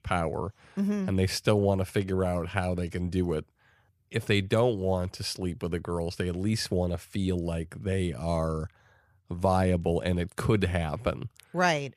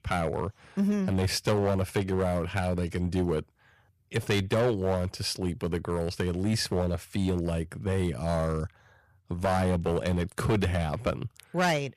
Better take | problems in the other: first | distortion; slight; 6% of the sound clipped

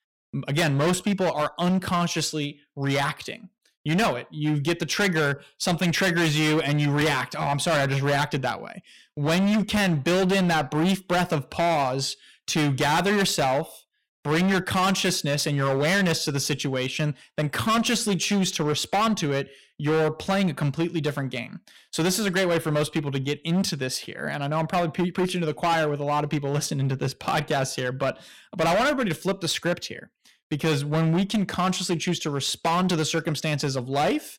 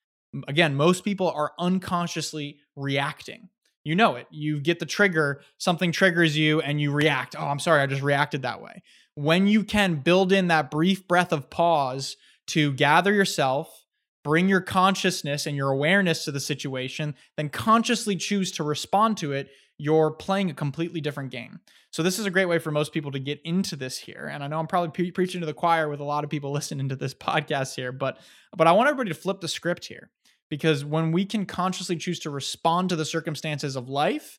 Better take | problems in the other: second | distortion; heavy; 17% of the sound clipped

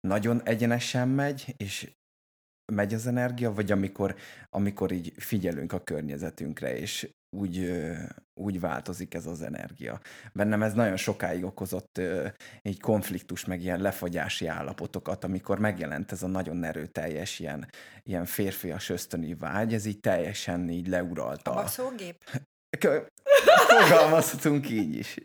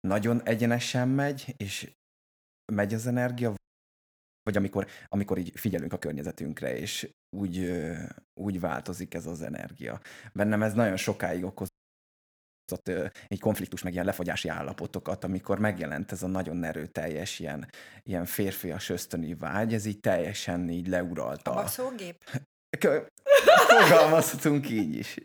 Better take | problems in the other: first | audio freezing; at 3.5 s for 1 s and at 12 s for 1 s

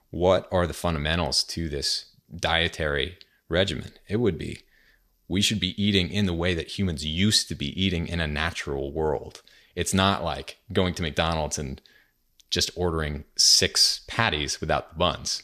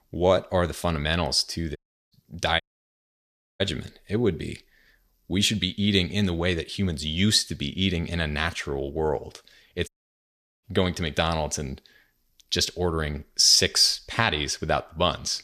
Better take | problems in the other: first | audio cutting out; at 2 s, at 2.5 s for 1 s and at 10 s for 1 s

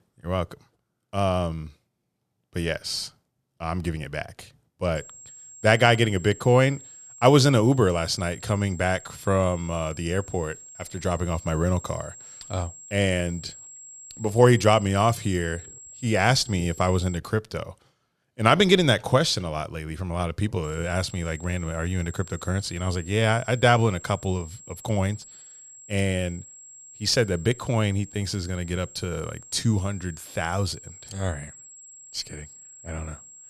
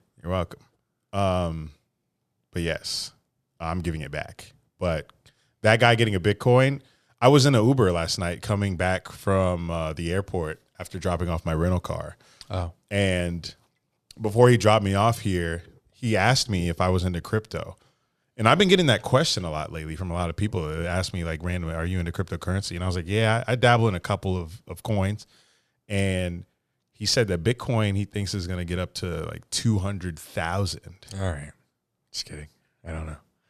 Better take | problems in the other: second | high-pitched whine; noticeable; from 5 to 17 s and from 21 s on; 7.5 kHz, 20 dB below the speech

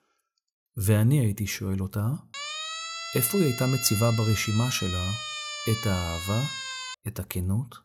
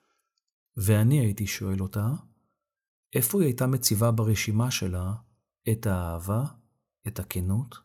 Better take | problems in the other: second | siren; noticeable; from 2.5 to 7 s; peak 5 dB below the speech

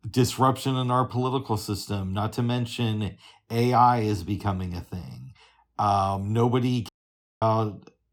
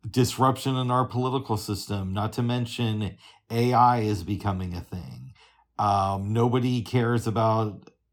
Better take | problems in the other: second | audio cutting out; at 7 s for 0.5 s

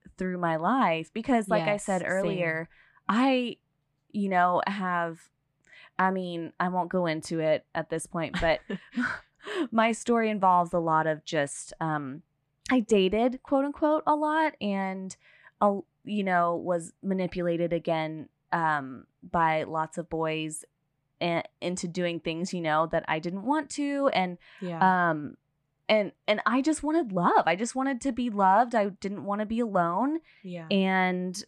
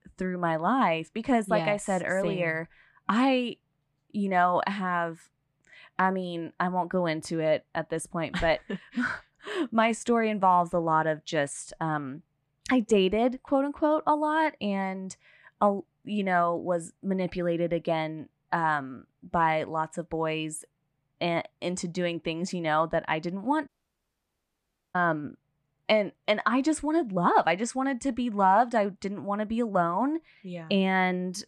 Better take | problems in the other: first | audio cutting out; at 24 s for 1.5 s

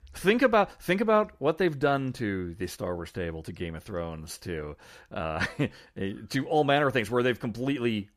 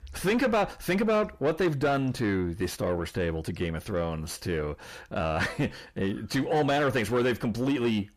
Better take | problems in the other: first | distortion; heavy; 7 dB below the speech

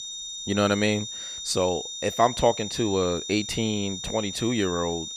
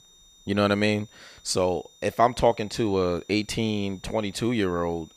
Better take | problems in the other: second | high-pitched whine; loud; throughout; 3.5 kHz, 7 dB below the speech; faint in the second

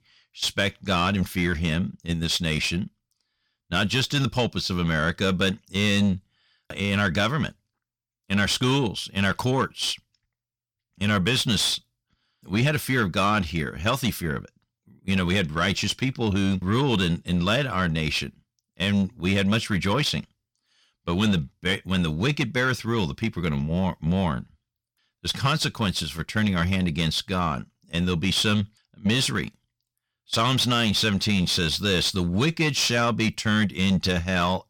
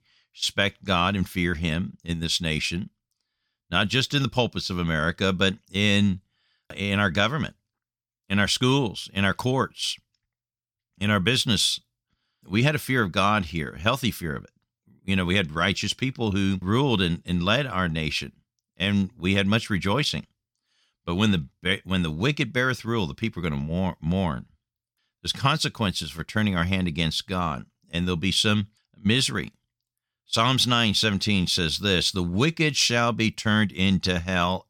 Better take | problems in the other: second | distortion; slight; 10 dB below the speech

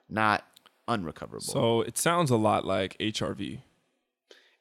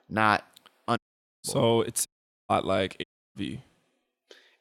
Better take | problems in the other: first | audio cutting out; at 1 s, at 2 s and at 3 s

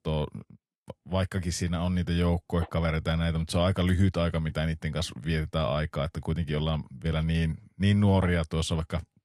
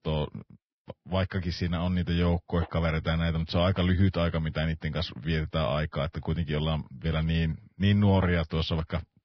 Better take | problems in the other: first | garbled, watery; badly; nothing above 5.5 kHz; slightly in the first

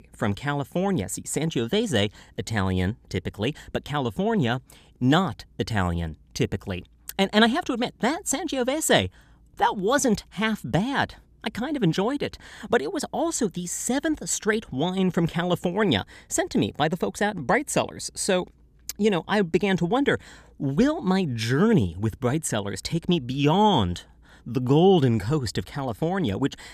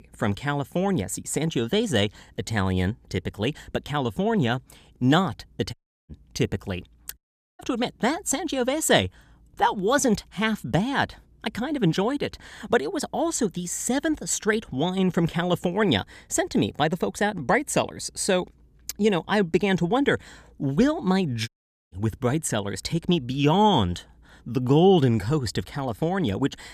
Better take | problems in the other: first | audio cutting out; at 5.5 s, at 7 s and at 21 s

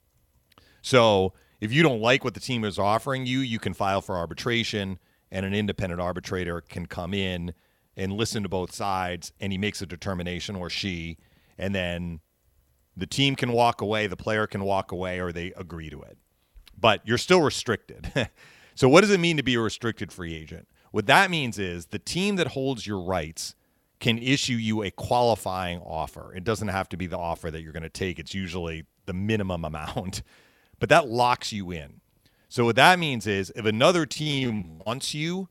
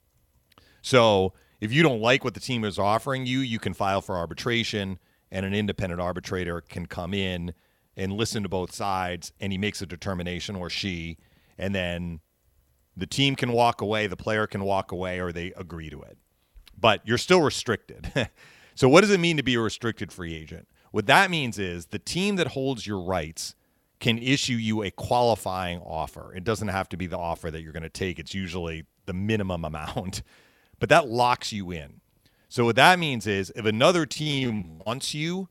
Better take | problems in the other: neither | none

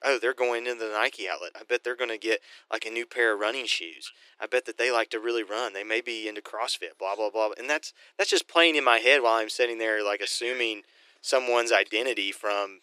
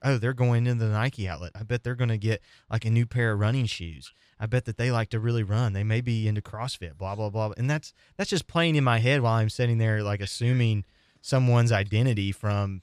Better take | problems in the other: second | thin; very; fading below 350 Hz

